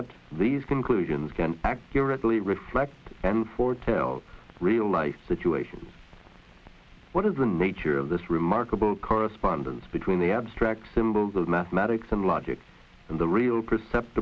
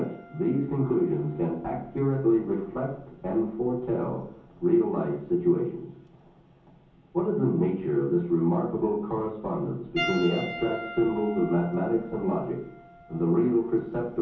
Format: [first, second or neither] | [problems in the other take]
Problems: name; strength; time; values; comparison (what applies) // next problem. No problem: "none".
first | background sound (Piano); 16 dB below the speech // room echo; dies away in 0.7 s